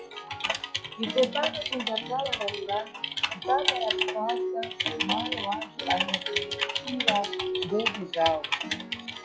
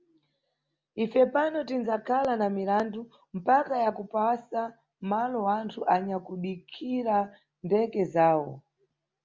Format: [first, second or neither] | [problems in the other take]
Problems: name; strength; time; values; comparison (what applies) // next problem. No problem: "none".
second | noise reduction (classical method log-MMSE)